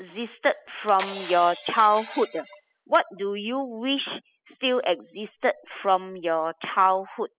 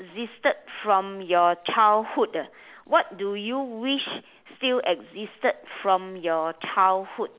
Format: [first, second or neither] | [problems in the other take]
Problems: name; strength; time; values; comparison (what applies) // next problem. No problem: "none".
second | noise reduction (classical method spectral subtraction)